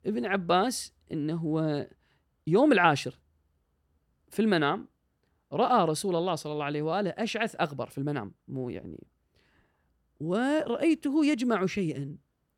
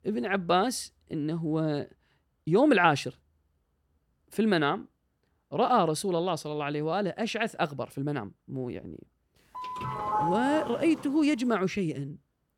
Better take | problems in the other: first | doorbell; noticeable; from 9.5 to 11 s; peak 1 dB below the speech

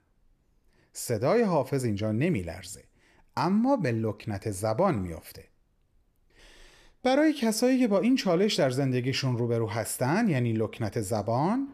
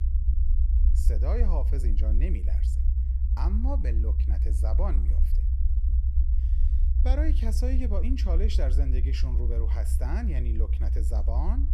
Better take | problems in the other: first | low rumble; loud; throughout; 7 dB below the speech

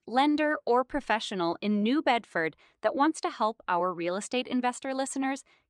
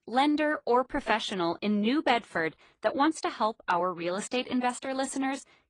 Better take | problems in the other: first | garbled, watery; slightly

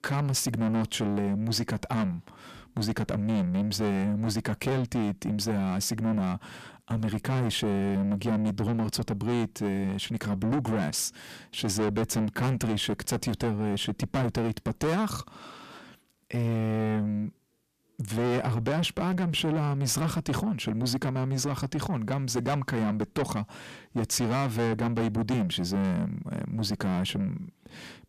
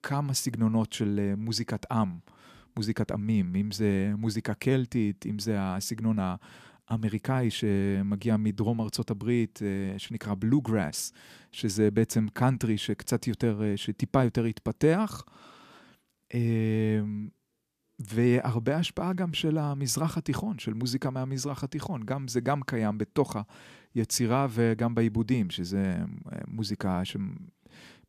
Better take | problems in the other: second | distortion; heavy; 6 dB below the speech

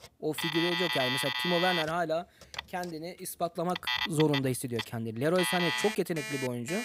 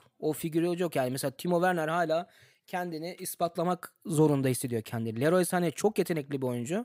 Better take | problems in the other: second | alarms or sirens; loud; throughout; 1 dB below the speech

